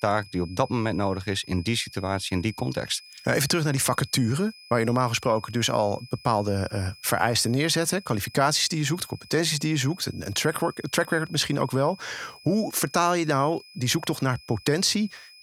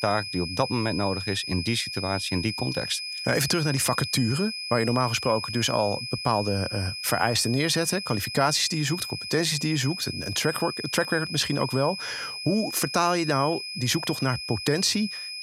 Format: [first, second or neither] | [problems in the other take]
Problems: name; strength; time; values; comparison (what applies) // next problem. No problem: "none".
first | high-pitched whine; loud; throughout; 5 kHz, 6 dB below the speech; faint in the first